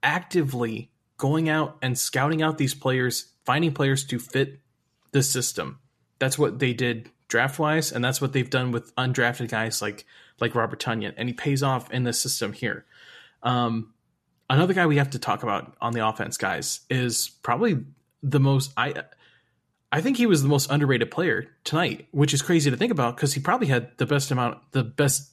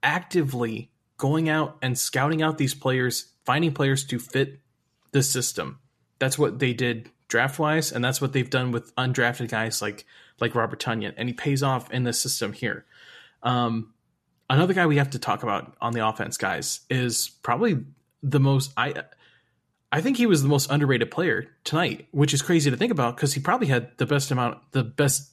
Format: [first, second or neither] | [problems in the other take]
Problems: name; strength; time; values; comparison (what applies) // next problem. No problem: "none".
neither | none